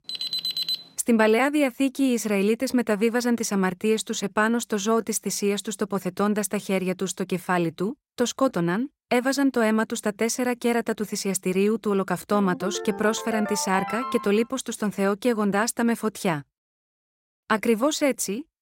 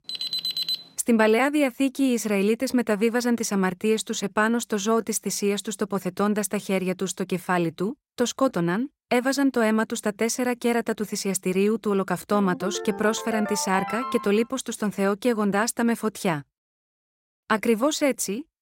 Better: neither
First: alarm; noticeable; at the start; peak 1 dB below the speech // phone ringing; noticeable; from 12 to 14 s; peak 7 dB below the speech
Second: alarm; noticeable; at the start; peak 1 dB below the speech // phone ringing; noticeable; from 12 to 14 s; peak 7 dB below the speech

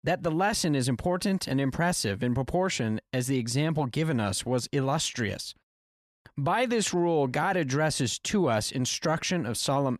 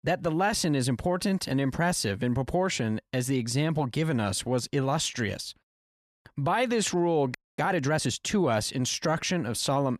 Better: first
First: none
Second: audio freezing; at 7.5 s

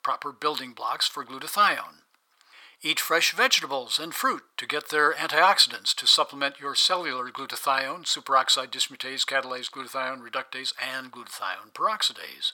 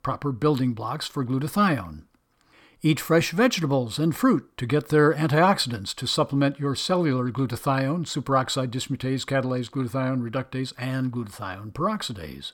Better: second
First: thin; very; fading below 950 Hz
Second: none

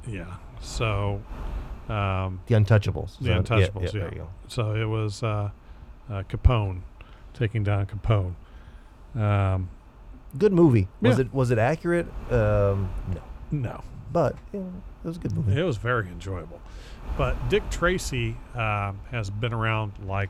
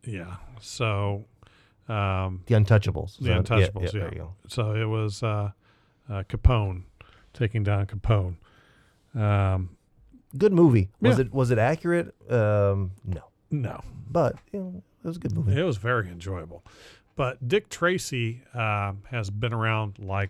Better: second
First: wind noise on the microphone; occasional gusts; 20 dB below the speech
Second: none

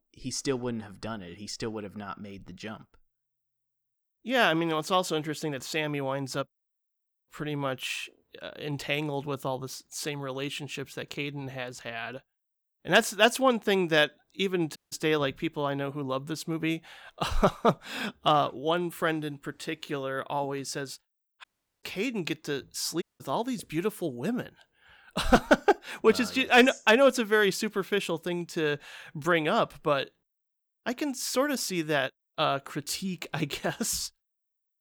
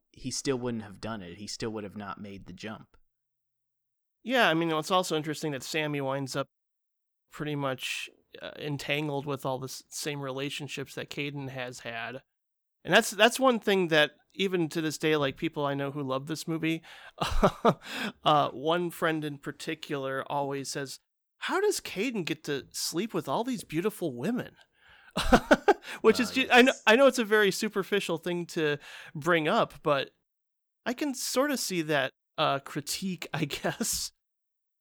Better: second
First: audio cutting out; at 15 s, at 21 s and at 23 s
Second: none

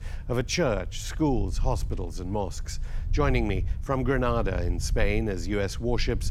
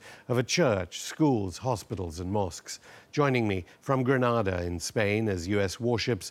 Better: second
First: low rumble; faint; throughout; 20 dB below the speech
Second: none

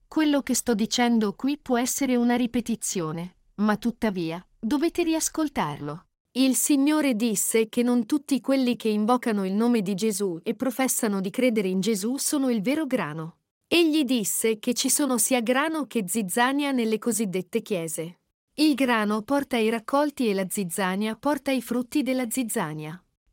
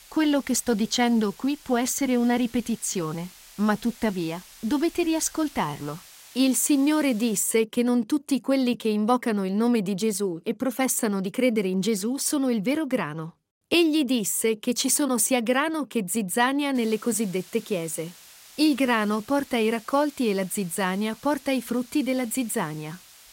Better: first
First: none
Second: hiss; faint; until 7.5 s and from 17 s on; 20 dB below the speech

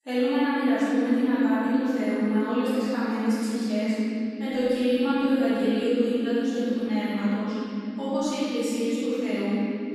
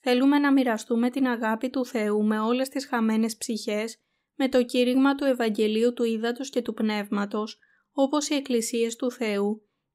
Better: second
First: off-mic speech; far // room echo; strong; dies away in 3 s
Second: none

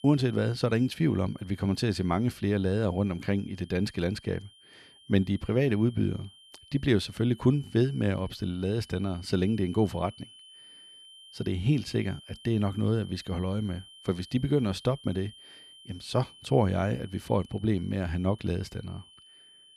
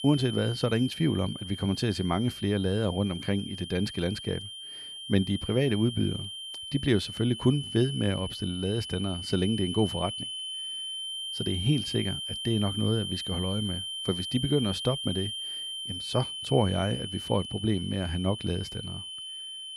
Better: first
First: high-pitched whine; faint; throughout; 3 kHz, 20 dB below the speech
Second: high-pitched whine; loud; throughout; 3 kHz, 6 dB below the speech

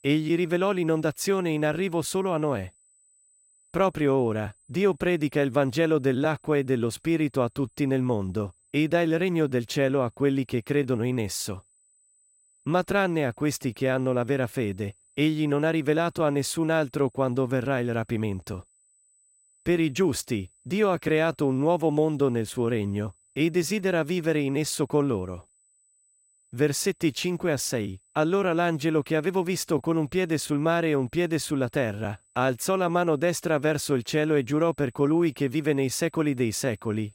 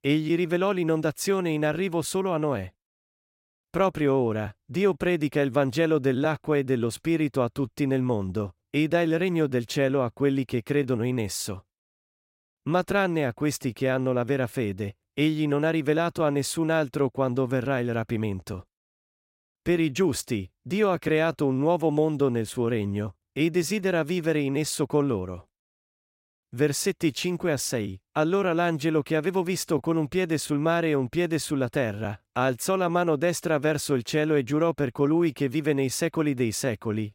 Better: second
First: high-pitched whine; faint; throughout; 8 kHz, 35 dB below the speech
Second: none

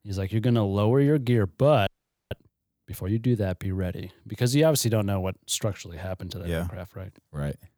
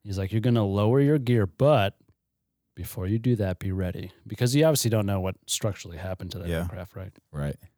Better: second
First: audio freezing; at 2 s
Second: none

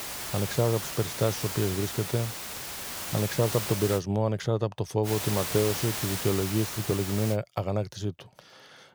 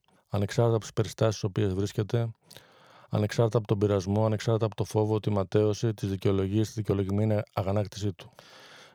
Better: second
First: hiss; loud; until 4 s and from 5 to 7.5 s; 4 dB below the speech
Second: none

